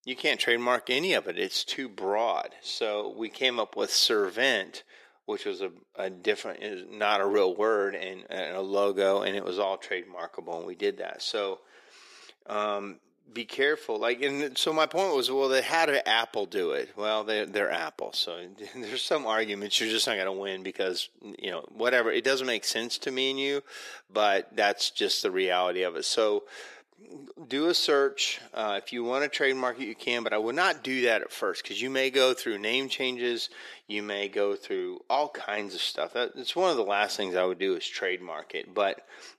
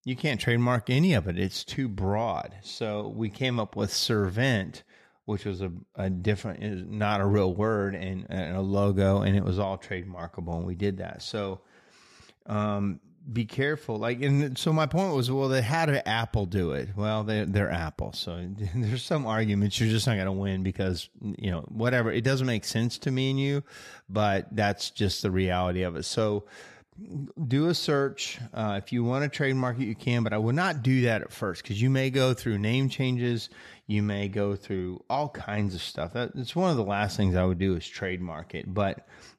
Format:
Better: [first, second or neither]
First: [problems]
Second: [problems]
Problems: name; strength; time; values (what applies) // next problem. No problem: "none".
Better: second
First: thin; very; fading below 350 Hz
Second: none